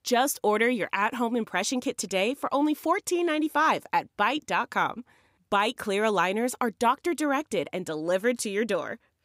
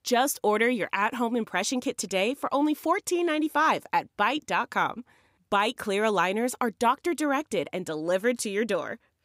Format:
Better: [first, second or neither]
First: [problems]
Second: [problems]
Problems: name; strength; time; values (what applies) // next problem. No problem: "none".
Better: neither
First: none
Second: none